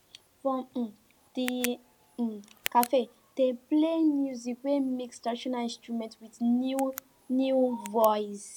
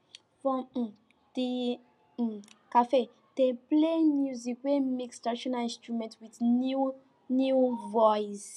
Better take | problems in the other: second | background sound (Tick); 17 dB below the speech

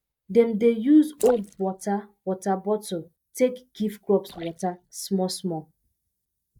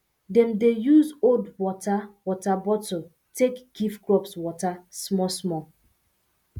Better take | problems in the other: second | noise reduction (neural mask model DeepFilterNet 3)

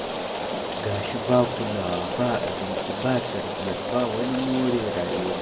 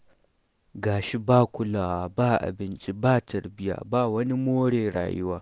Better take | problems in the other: second | background sound (Rain); 2 dB below the speech // room echo; dies away in 0.6 s

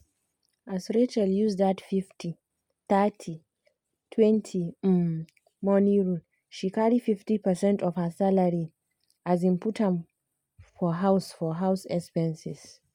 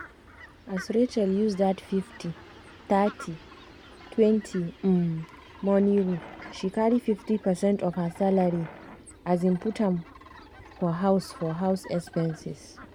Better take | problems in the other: first | background sound (Fowl + Wild animals); 19 dB below the speech

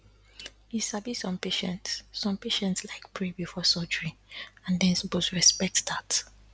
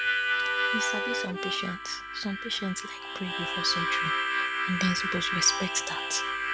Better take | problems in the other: first | background sound (Harmonica); 3 dB above the speech

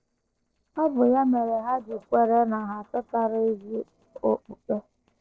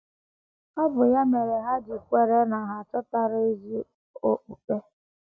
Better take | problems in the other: second | noise reduction (neural separator model SepFormer DNS4)

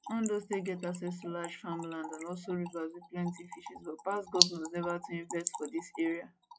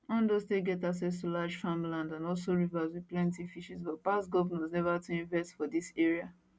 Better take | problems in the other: second | noise reduction (classical method log-MMSE)

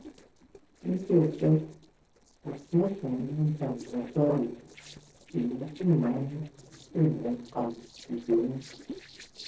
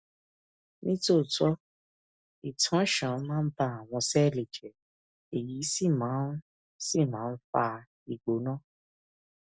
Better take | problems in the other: second | noise reduction (neural separator model SepFormer DNS4)

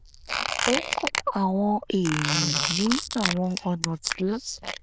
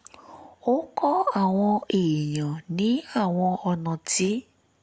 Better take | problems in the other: second | noise reduction (neural diffusion model UNIVERSE++)

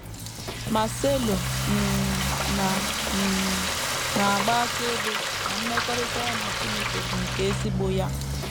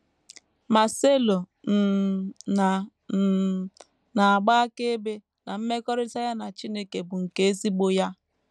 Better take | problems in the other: second | background sound (Frying (food) + Motorcycle); 1 dB above the speech

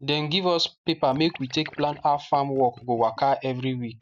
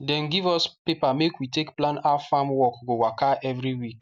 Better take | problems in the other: second | noise reduction (neural mask model DeepFilterNet 3)

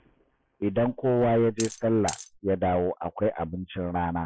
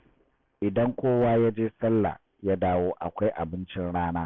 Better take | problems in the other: second | noise reduction (classical method Wiener filter)

